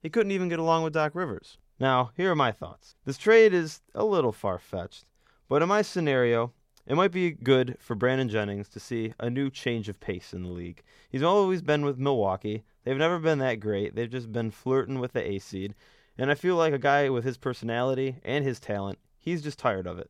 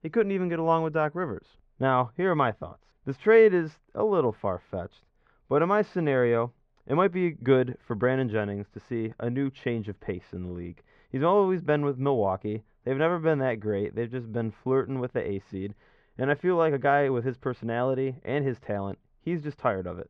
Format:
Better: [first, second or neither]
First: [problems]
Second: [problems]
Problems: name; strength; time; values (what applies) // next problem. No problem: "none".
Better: first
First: none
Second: muffled; very; fading above 2 kHz